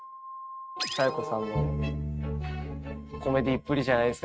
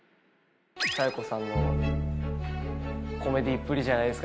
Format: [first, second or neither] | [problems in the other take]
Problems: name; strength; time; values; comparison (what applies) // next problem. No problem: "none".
second | noise reduction (neural mask model RNNoise)